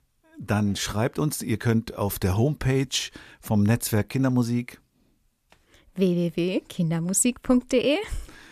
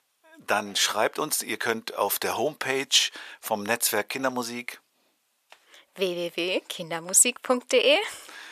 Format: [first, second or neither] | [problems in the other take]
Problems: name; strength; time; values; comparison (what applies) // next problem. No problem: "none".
first | thin; very; fading below 650 Hz